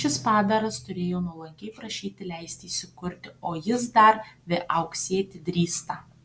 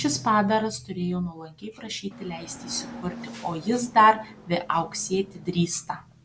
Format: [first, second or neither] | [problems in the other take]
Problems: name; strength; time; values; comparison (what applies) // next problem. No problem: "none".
first | background sound (Hiss / Bus / Engine); 16 dB below the speech